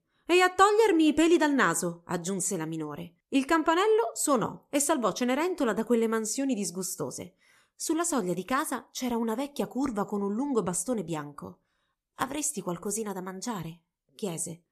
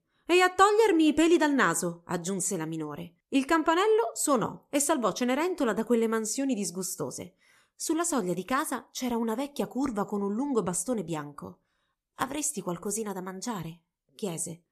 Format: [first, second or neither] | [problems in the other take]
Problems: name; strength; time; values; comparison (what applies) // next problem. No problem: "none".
neither | none